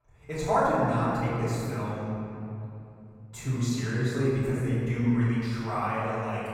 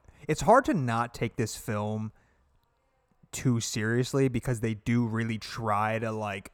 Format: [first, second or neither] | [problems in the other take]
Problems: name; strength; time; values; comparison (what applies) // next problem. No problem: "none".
second | off-mic speech; far // room echo; strong; dies away in 2.8 s